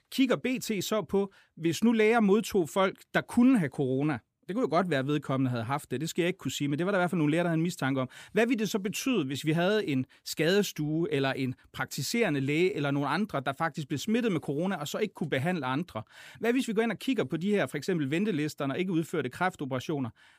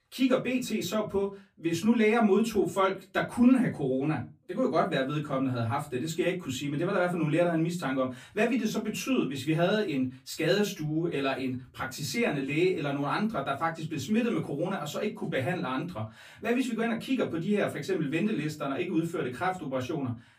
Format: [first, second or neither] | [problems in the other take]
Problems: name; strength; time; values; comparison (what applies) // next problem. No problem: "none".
first | off-mic speech; far // room echo; very slight; dies away in 0.2 s